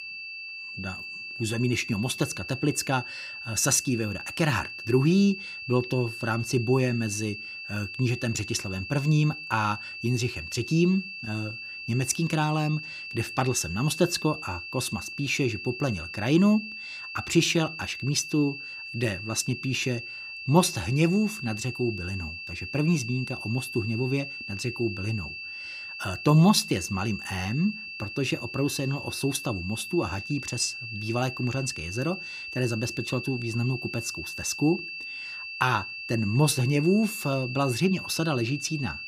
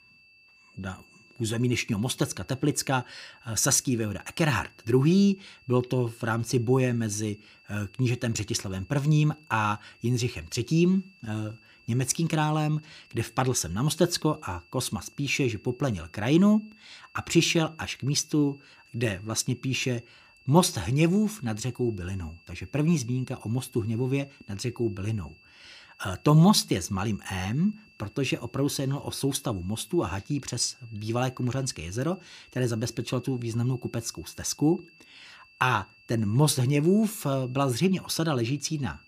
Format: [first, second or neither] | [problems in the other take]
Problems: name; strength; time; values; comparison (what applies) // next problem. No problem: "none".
second | high-pitched whine; loud; throughout; 2.5 kHz, 8 dB below the speech; faint in the second